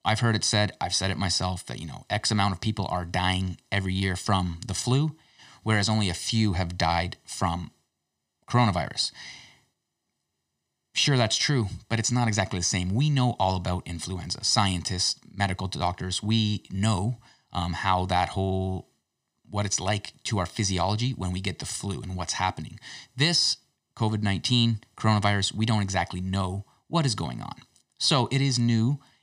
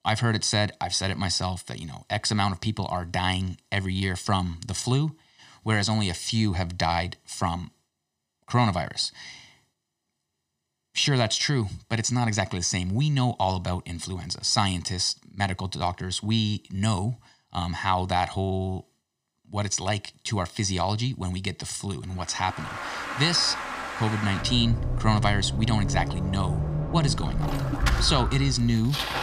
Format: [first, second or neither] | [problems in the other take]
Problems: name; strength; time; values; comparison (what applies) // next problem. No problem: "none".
first | traffic noise; loud; from 23 s on; 4 dB below the speech